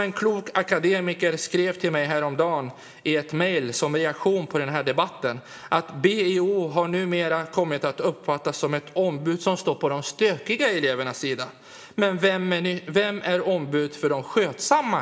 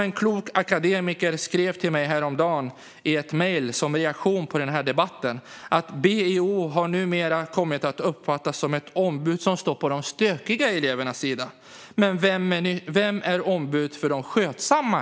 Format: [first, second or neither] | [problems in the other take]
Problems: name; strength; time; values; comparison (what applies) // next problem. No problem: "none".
second | room echo; dies away in 1 s